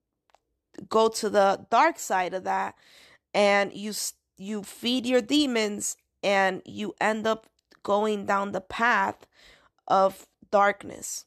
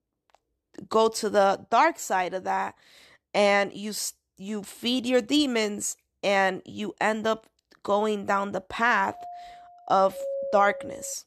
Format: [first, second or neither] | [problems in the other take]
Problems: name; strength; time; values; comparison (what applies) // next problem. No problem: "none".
first | doorbell; noticeable; from 9 s on; peak 6 dB below the speech